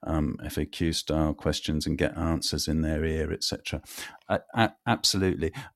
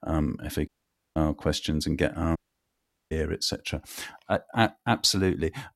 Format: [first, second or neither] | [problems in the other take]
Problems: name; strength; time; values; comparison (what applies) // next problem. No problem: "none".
first | audio cutting out; at 0.5 s and at 2.5 s for 1 s